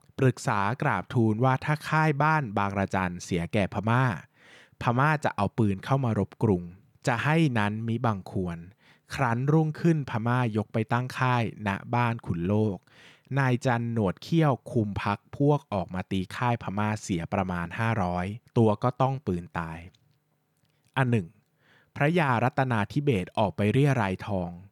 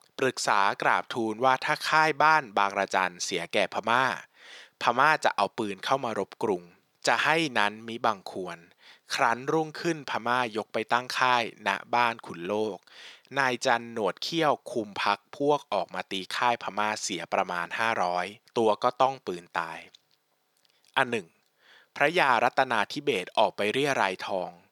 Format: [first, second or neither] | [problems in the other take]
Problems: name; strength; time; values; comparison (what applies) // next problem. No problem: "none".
first | thin; very; fading below 450 Hz